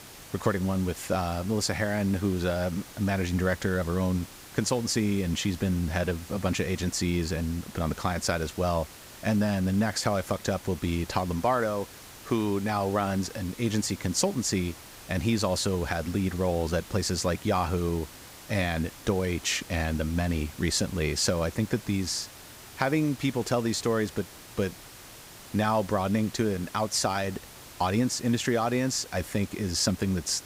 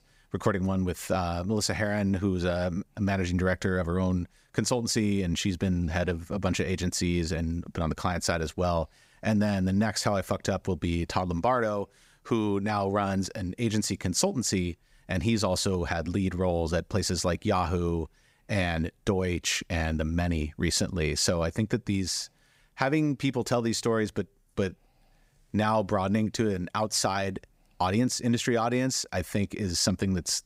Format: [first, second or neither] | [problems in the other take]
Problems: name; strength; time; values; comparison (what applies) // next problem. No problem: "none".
second | hiss; noticeable; throughout; 15 dB below the speech